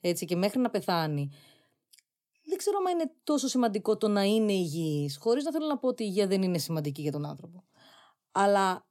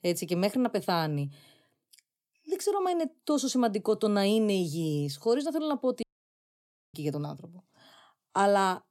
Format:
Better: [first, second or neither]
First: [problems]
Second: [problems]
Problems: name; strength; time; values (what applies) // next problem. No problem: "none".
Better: first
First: none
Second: audio cutting out; at 6 s for 1 s